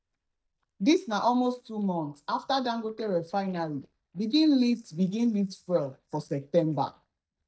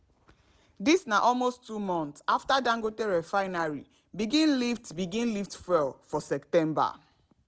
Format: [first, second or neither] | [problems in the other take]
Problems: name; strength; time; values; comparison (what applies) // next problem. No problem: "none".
second | noise reduction (neural mask model DeepFilterNet 3)